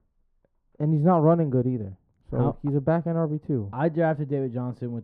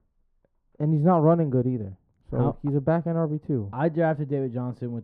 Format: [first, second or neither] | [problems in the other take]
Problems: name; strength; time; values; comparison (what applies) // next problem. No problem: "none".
neither | muffled; very; fading above 2 kHz; the same in both